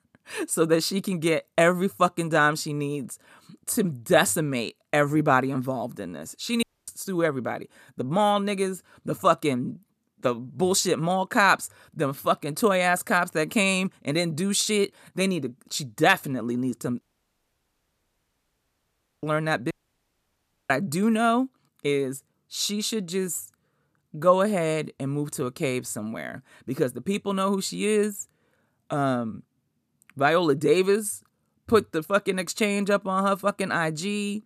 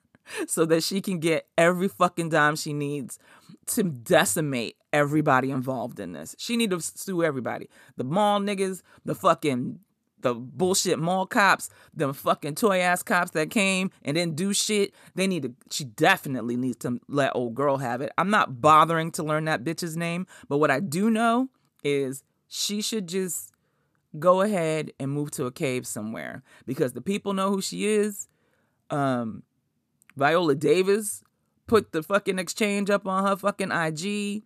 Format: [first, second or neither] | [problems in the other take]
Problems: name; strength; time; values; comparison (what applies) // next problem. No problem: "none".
second | audio cutting out; at 6.5 s, at 17 s for 2 s and at 20 s for 1 s